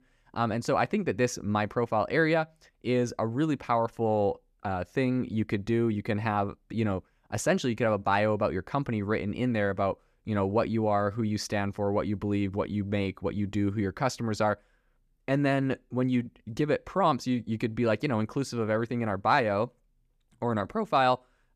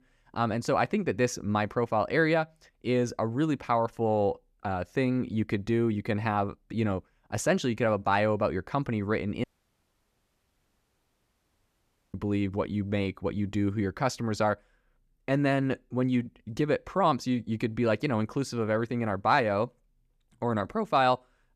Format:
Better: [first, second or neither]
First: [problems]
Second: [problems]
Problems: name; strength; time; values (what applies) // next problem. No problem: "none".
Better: first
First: none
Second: audio cutting out; at 9.5 s for 2.5 s